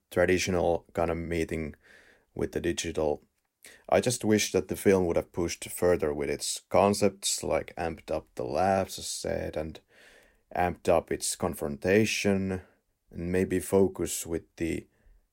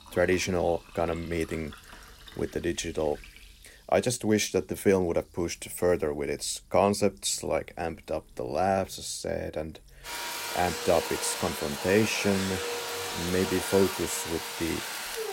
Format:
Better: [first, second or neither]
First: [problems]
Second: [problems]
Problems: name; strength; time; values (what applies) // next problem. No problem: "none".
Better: first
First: none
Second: household noises; loud; throughout; 5 dB below the speech